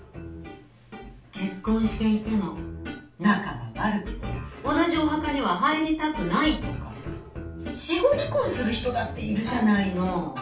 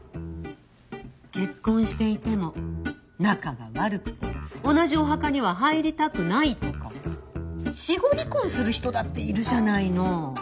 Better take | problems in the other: second | room echo; dies away in 0.3 s

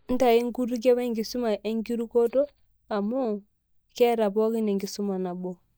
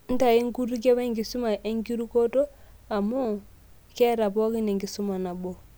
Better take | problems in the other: second | noise reduction (neural mask model DeepFilterNet 3)

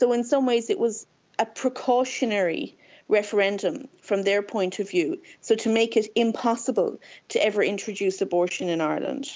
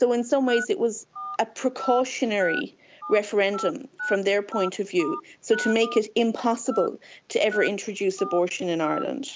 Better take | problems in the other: first | background sound (Telephone); 11 dB below the speech

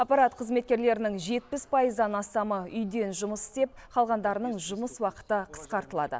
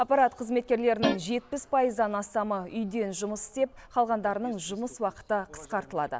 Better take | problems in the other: first | background sound (Guitar); 1 dB below the speech

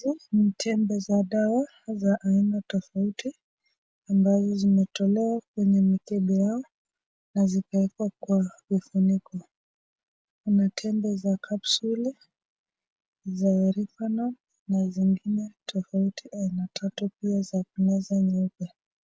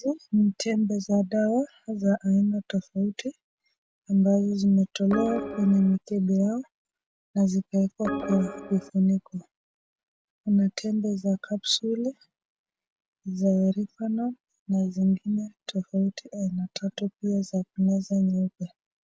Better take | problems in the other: first | background sound (Organ); 7 dB below the speech

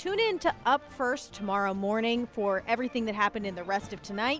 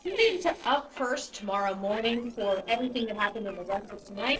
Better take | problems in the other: first | noise reduction (neural separator model SepFormer DNS4)

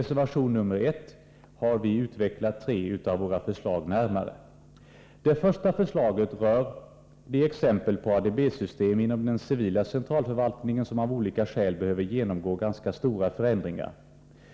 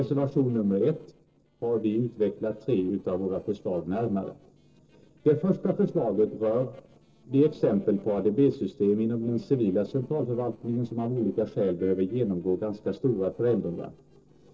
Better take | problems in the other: first | noise reduction (neural separator model SepFormer DNS4)

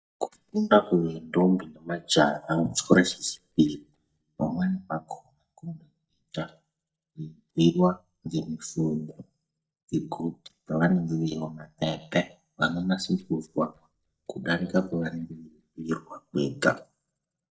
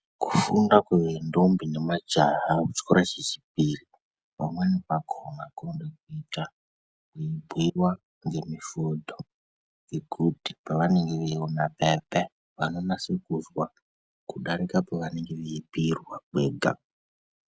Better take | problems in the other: second | noise reduction (neural mask model DeepFilterNet 3)

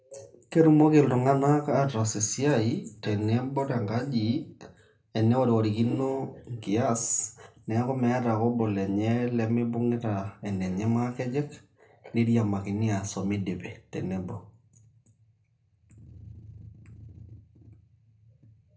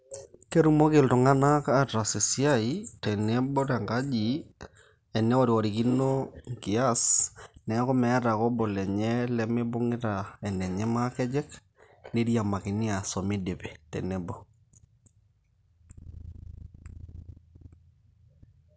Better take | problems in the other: second | room echo; dies away in 0.3 s

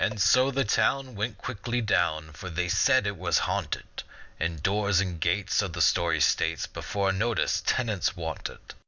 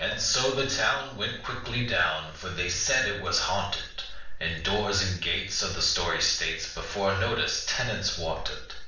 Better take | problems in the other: first | room echo; dies away in 0.5 s

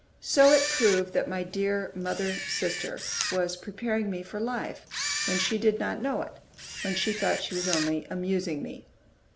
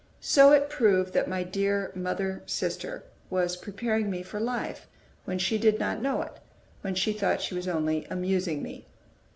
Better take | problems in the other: second | background sound (Camera); 6 dB below the speech

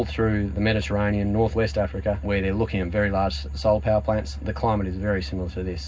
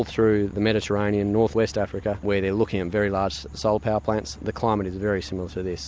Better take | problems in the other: second | room echo; dies away in 0.4 s

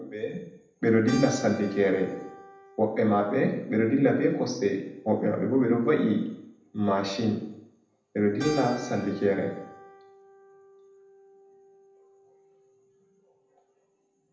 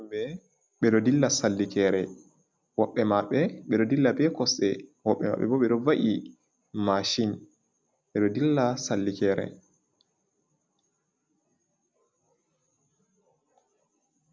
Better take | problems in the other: second | background sound (Keyboard (musical)); 19 dB below the speech // room echo; dies away in 0.7 s

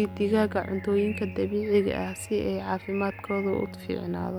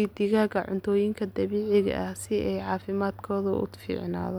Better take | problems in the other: second | background sound (Bowed string instrument + Bird); 13 dB below the speech

